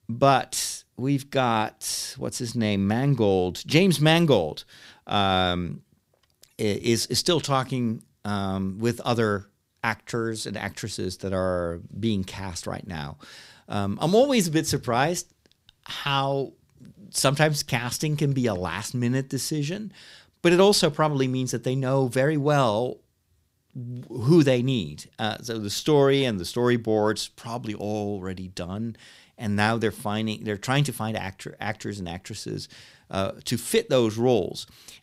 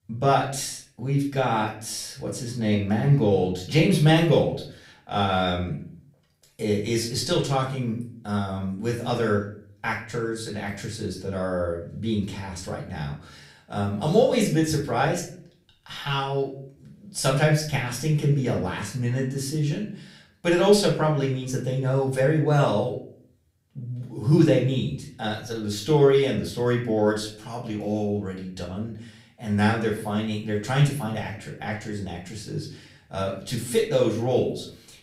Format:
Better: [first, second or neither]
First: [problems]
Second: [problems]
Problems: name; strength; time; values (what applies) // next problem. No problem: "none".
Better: first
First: none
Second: off-mic speech; far // room echo; slight; dies away in 0.4 s